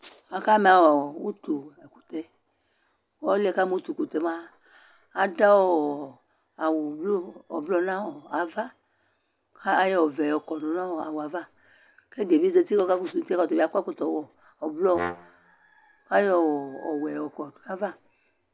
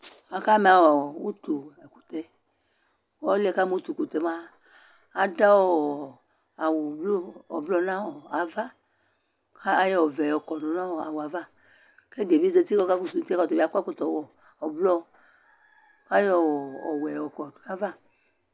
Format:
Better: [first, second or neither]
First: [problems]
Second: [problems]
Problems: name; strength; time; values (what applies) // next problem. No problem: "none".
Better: second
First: background sound (Brass instrument); 10 dB below the speech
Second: none